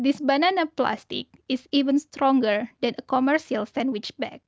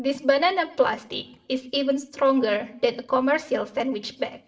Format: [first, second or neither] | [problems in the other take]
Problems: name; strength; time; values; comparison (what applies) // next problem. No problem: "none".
first | room echo; dies away in 0.6 s